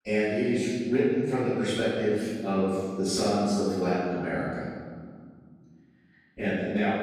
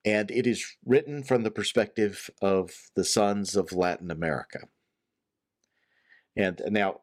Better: second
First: off-mic speech; far // room echo; strong; dies away in 2.1 s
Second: none

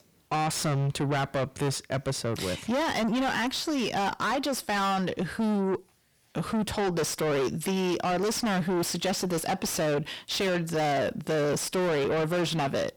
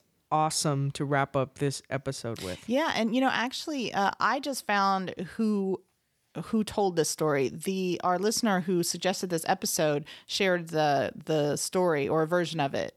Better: second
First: distortion; heavy; 6 dB below the speech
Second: none

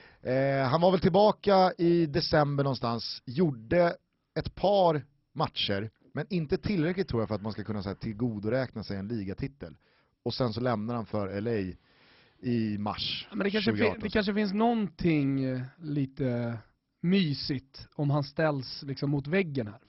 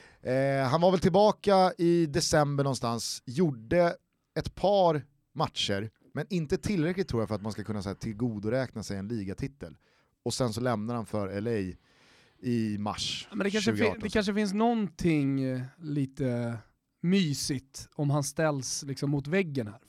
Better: second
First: garbled, watery; badly; nothing above 5.5 kHz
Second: none

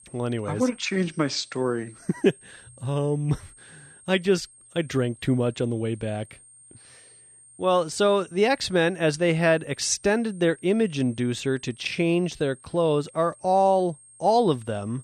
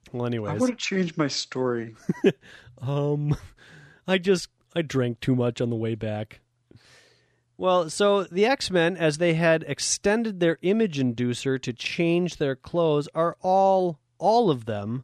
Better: second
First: high-pitched whine; faint; throughout; 8.5 kHz, 25 dB below the speech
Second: none

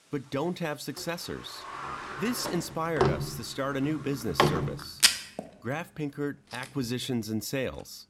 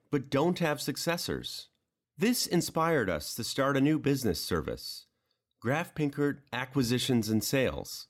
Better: second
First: household noises; very loud; throughout; 4 dB above the speech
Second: none

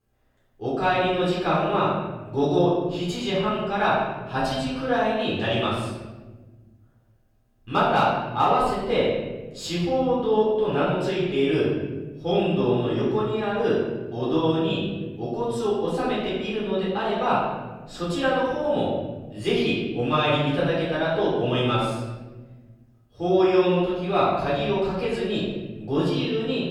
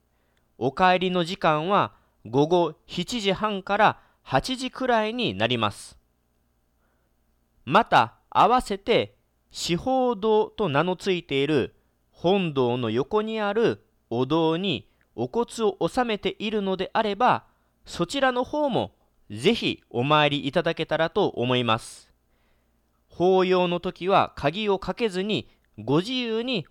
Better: second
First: room echo; noticeable; dies away in 1.4 s // off-mic speech; far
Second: none

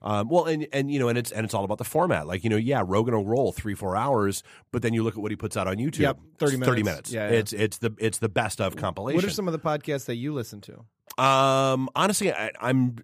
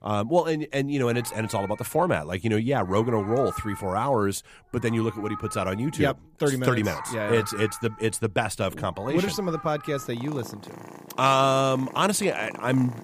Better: first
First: none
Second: animal sounds; noticeable; throughout; 15 dB below the speech

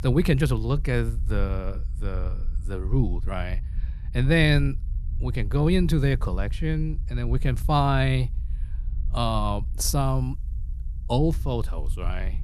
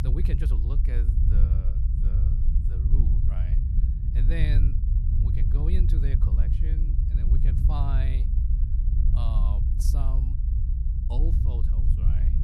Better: first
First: low rumble; faint; throughout; 25 dB below the speech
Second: low rumble; loud; throughout; as loud as the speech

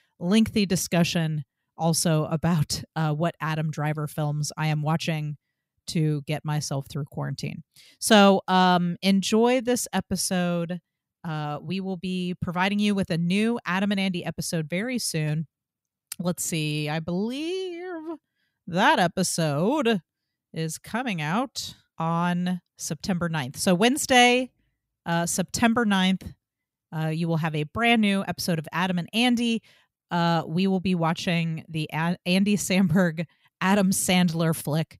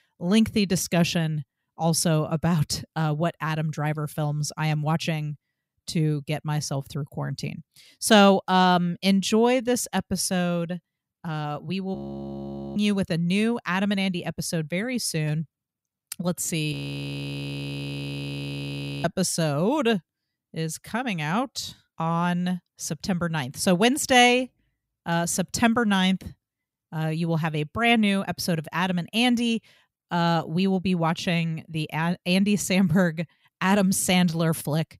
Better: first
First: none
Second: audio freezing; at 12 s for 1 s and at 17 s for 2.5 s

